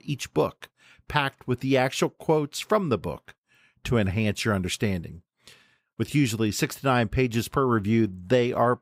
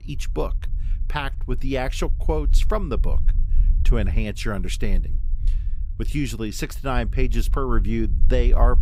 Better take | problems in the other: first | low rumble; noticeable; throughout; 20 dB below the speech

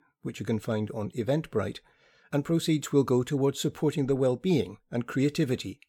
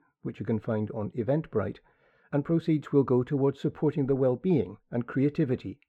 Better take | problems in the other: first | muffled; very; fading above 3.5 kHz

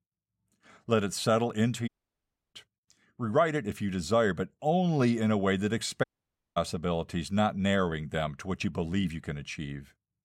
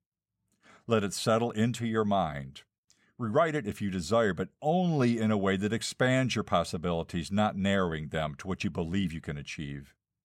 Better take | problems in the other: second | audio cutting out; at 2 s for 0.5 s and at 6 s for 0.5 s

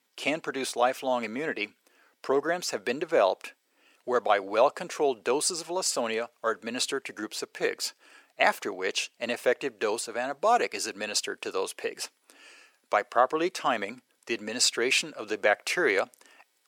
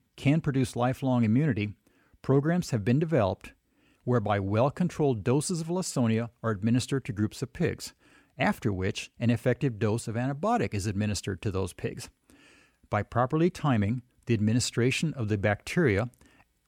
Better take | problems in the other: second | thin; very; fading below 450 Hz

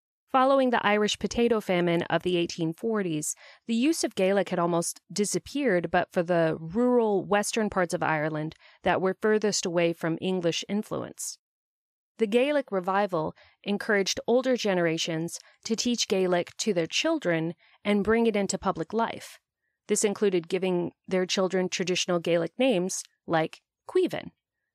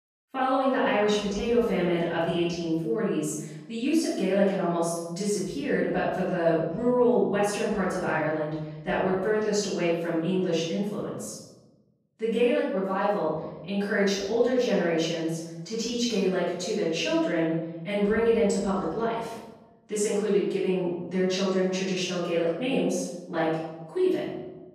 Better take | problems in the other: first | off-mic speech; far // room echo; strong; dies away in 1 s

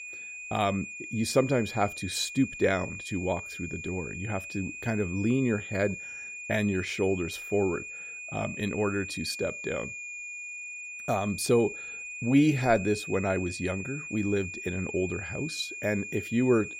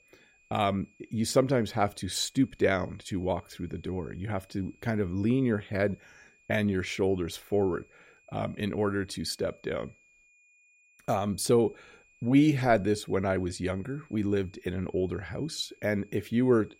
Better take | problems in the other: second | high-pitched whine; loud; throughout; 2.5 kHz, 8 dB below the speech; faint in the second

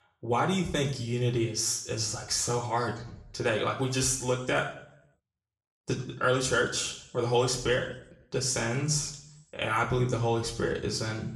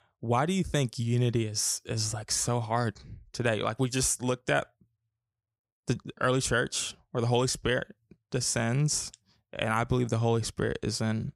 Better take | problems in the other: second | room echo; slight; dies away in 0.6 s // off-mic speech; somewhat distant

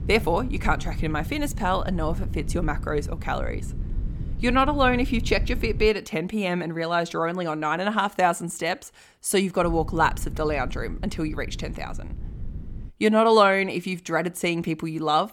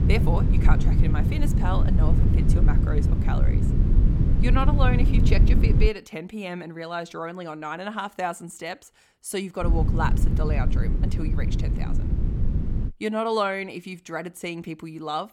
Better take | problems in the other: first | low rumble; loud; until 6 s and from 9.5 to 13 s; 5 dB below the speech; faint in the first

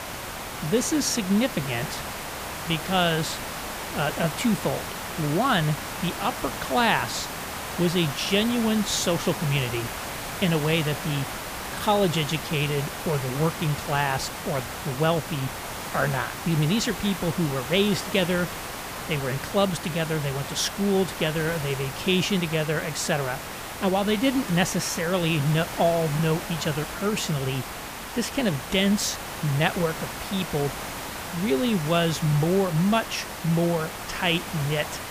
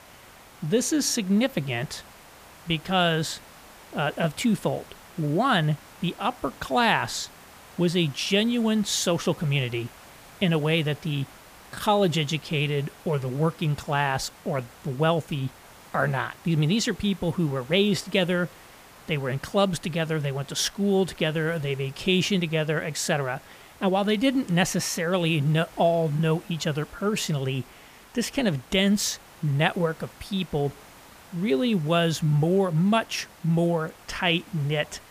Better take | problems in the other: second | hiss; loud; throughout; 7 dB below the speech; faint in the second

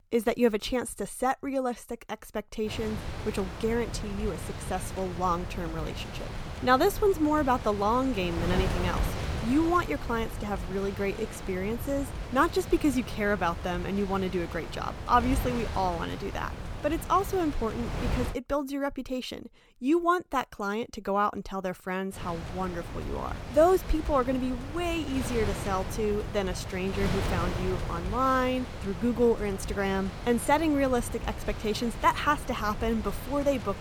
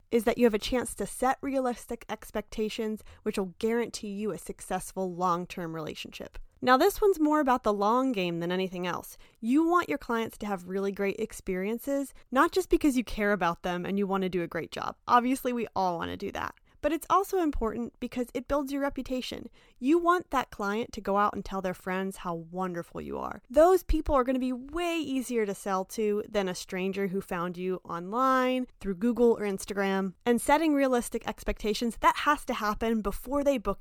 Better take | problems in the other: second | wind noise on the microphone; occasional gusts; from 2.5 to 18 s and from 22 s on; 10 dB below the speech

